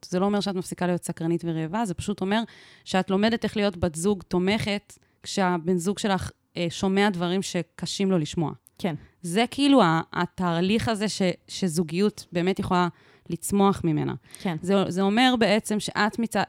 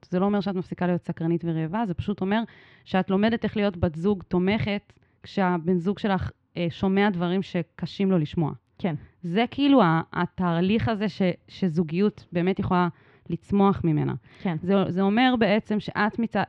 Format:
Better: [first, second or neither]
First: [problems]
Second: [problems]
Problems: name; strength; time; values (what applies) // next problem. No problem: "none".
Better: first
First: none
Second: muffled; slightly; fading above 3 kHz